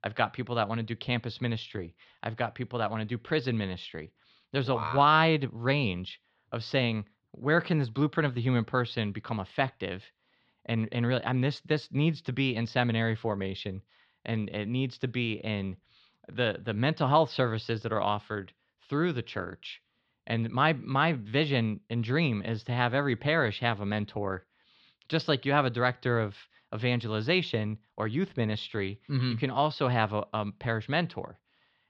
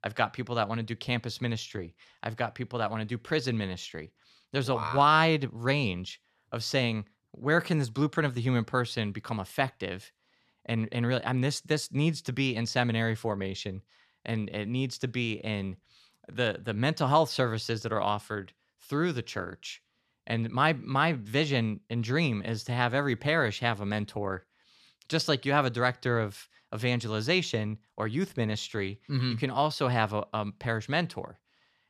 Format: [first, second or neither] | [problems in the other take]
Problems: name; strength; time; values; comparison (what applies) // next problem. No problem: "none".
second | muffled; very slightly; fading above 4 kHz